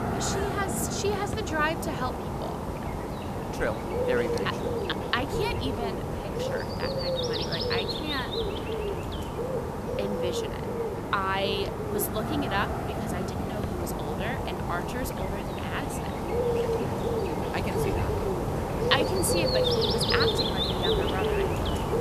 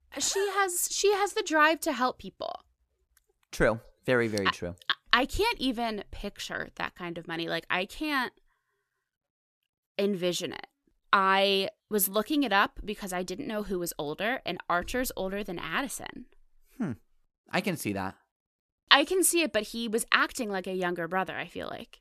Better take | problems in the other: second | animal sounds; very loud; throughout; 3 dB above the speech

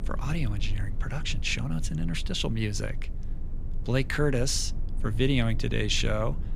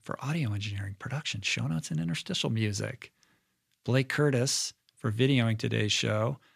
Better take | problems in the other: second | low rumble; noticeable; throughout; 20 dB below the speech

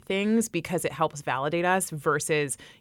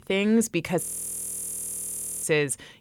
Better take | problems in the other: first | audio freezing; at 1 s for 1.5 s

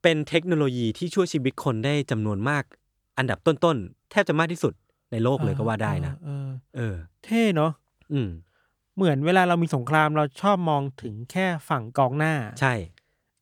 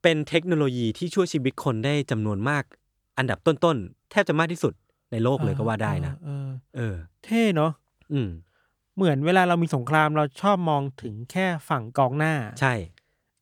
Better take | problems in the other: neither | none

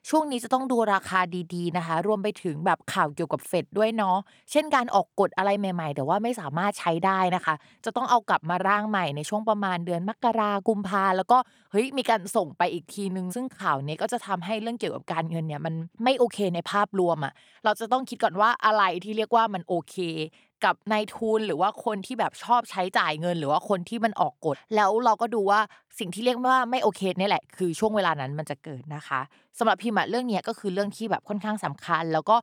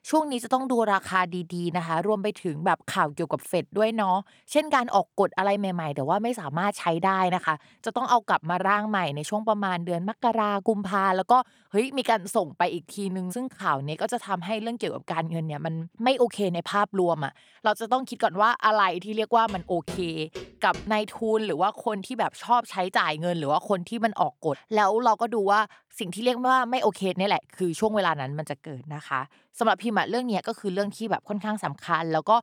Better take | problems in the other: first | footsteps; faint; from 19 to 21 s; peak 15 dB below the speech

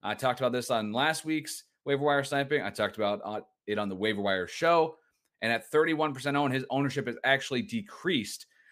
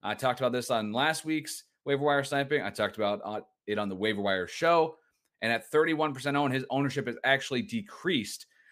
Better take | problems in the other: neither | none

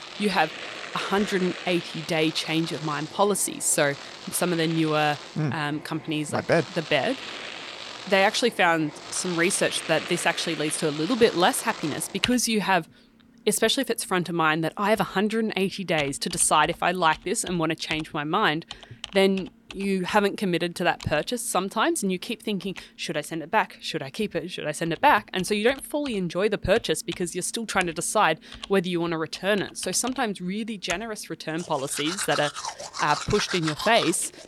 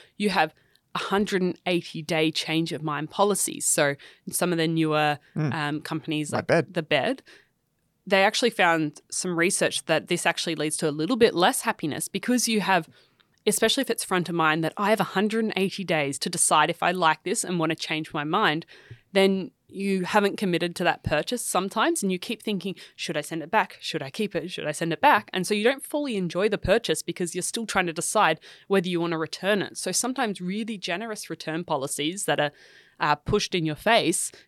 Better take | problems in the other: second | household noises; noticeable; throughout; 10 dB below the speech

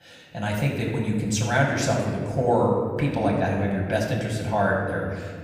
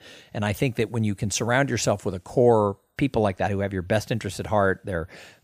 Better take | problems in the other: second | off-mic speech; far // room echo; noticeable; dies away in 1.7 s

